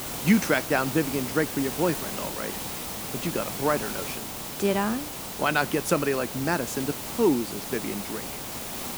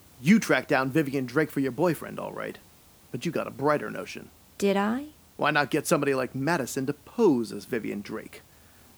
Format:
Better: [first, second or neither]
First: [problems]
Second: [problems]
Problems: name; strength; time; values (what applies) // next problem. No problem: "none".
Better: second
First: hiss; loud; throughout; 5 dB below the speech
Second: hiss; faint; throughout; 30 dB below the speech